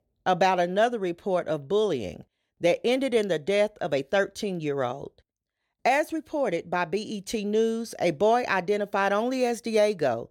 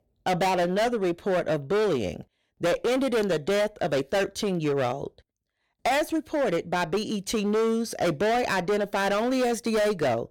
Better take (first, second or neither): first